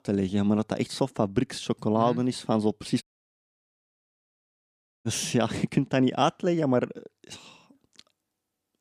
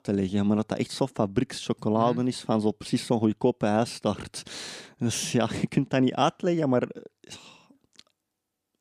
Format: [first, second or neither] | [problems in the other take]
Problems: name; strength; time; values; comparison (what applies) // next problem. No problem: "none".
second | audio cutting out; at 3 s for 2 s